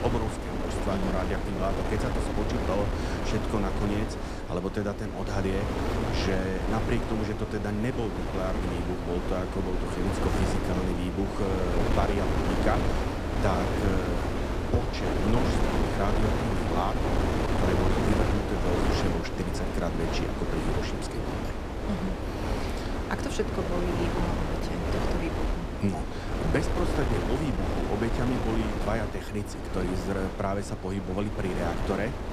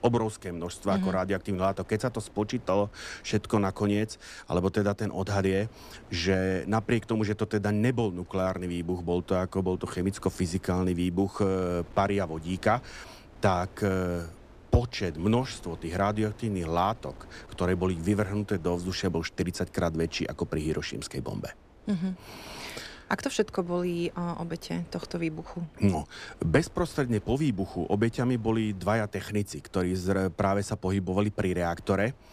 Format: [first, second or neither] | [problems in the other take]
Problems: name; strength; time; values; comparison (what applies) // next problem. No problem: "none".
second | wind noise on the microphone; heavy; 1 dB above the speech; occasional gusts in the second